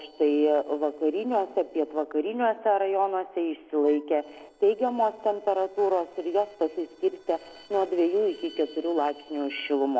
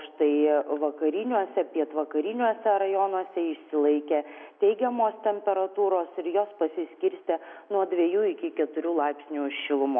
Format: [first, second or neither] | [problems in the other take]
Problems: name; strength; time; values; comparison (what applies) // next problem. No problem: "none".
second | noise reduction (neural separator model SepFormer DNS4)